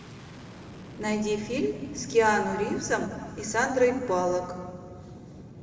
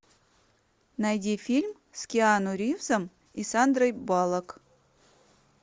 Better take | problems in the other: second | background sound (Fixed-wing aircraft, airplane); 14 dB below the speech // room echo; dies away in 2 s

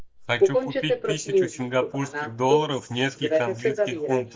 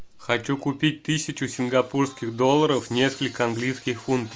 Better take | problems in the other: second | noise reduction (neural mask model DeepFilterNet 3)

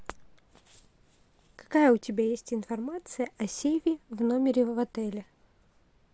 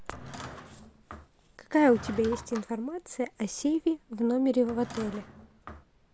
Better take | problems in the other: first | background sound (Drawer open or close / Wood); 16 dB below the speech

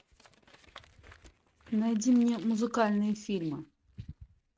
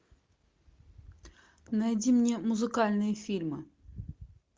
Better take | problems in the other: second | noise reduction (neural mask model RNNoise)

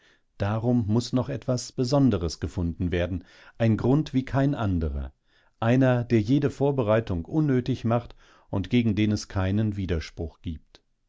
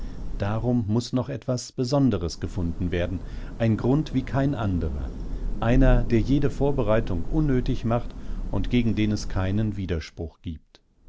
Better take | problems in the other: first | background sound (Thunder / Rain); 3 dB below the speech

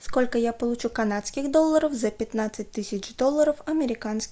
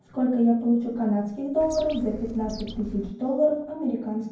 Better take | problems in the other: first | background sound (Bird); 14 dB below the speech // room echo; dies away in 0.9 s

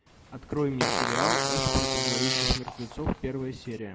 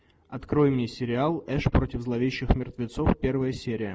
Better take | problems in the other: second | background sound (Fart); 2 dB above the speech

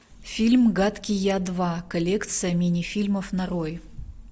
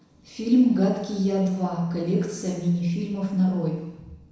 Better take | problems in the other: first | room echo; dies away in 1 s

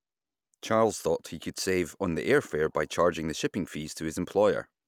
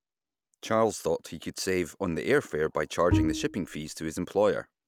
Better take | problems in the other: first | background sound (Bowed string instrument); 1 dB above the speech

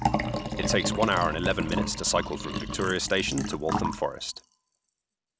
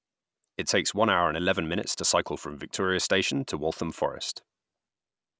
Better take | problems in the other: second | background sound (Liquid); 2 dB below the speech

